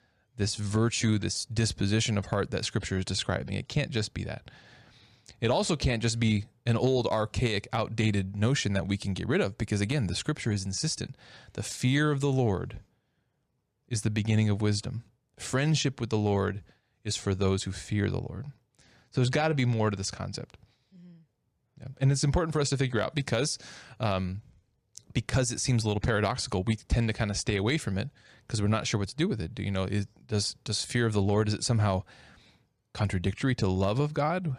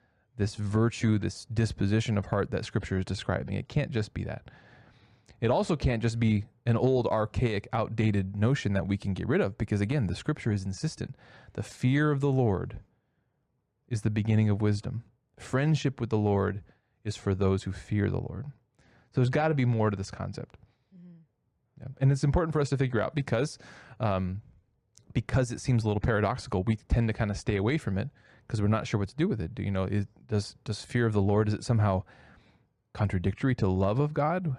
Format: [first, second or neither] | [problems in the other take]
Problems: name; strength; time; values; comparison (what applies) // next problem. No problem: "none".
first | muffled; slightly; fading above 2.5 kHz